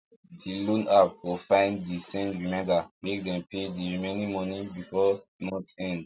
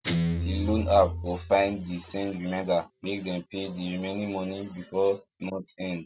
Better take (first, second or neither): first